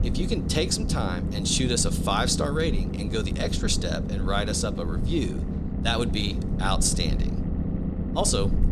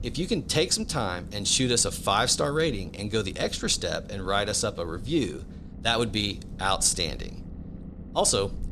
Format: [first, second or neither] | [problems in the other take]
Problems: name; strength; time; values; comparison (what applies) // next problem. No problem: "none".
second | low rumble; loud; throughout; 9 dB below the speech; faint in the second